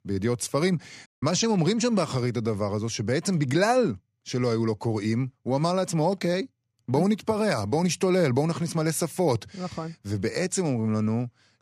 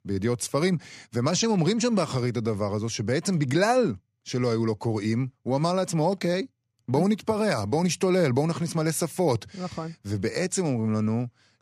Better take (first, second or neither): second